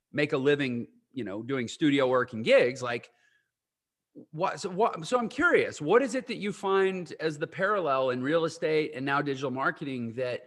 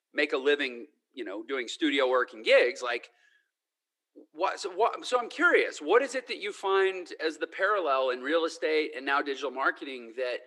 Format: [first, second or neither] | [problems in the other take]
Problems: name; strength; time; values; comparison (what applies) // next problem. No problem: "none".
first | thin; somewhat; fading below 300 Hz